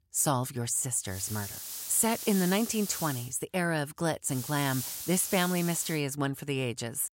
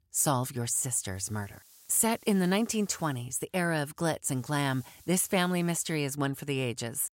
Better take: second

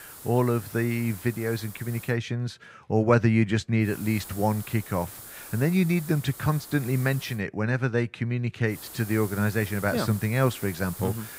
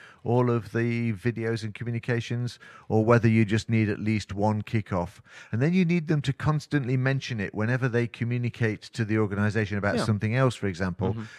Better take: second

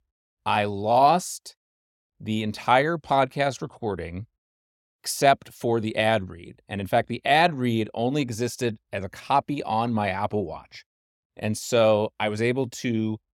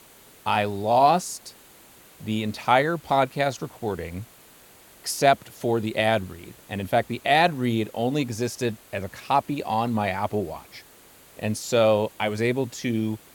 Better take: first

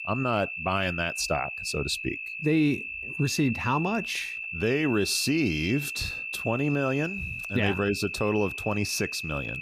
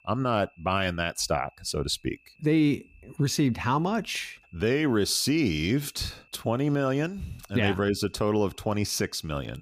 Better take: second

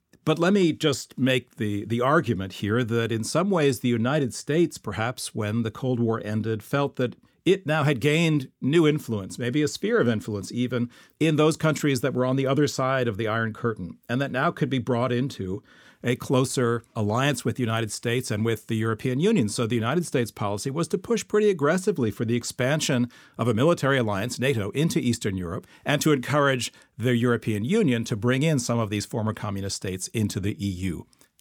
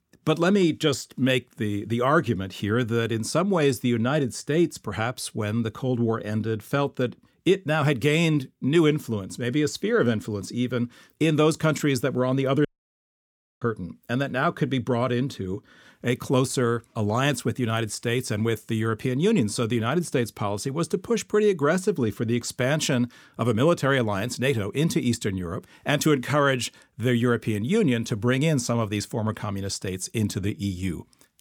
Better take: first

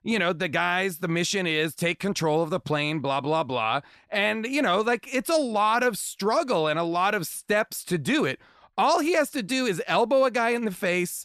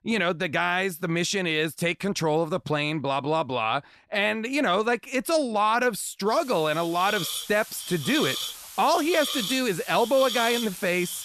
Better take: first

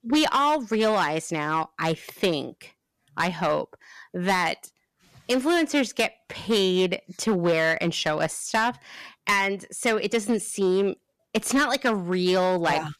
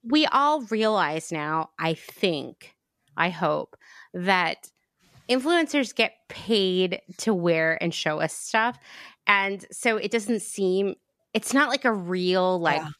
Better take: second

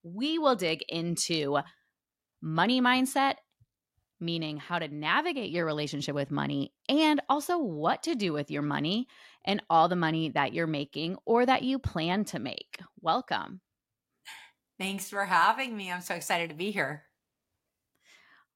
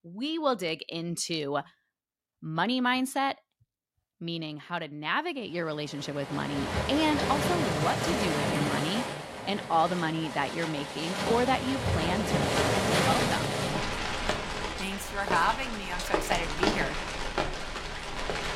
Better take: first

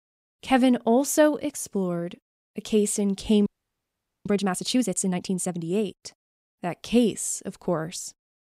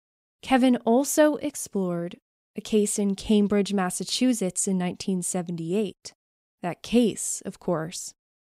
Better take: second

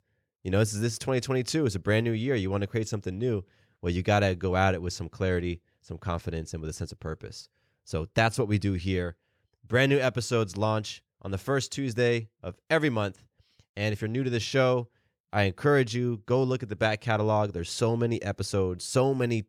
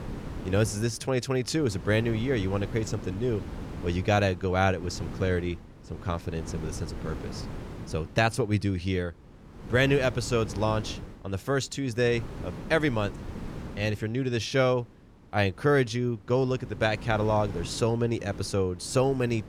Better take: first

